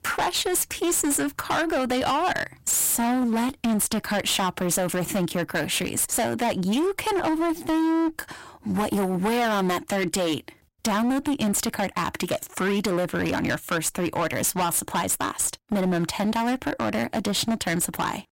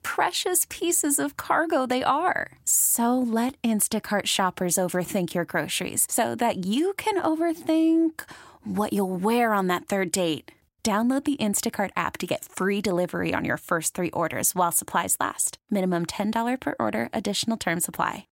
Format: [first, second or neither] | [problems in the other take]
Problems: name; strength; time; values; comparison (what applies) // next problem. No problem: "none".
second | distortion; heavy; 24% of the sound clipped